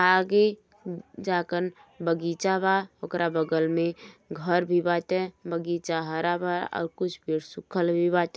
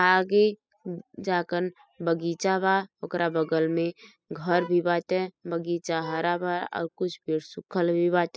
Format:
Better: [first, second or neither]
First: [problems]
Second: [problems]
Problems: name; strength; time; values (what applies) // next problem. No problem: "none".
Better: first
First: none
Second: noise reduction (classical method spectral subtraction)